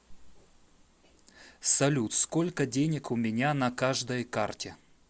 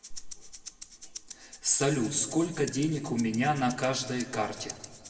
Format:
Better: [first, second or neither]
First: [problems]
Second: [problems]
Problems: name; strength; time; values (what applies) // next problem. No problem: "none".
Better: first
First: none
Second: background sound (Rattle (instrument)); 16 dB below the speech // room echo; dies away in 1.5 s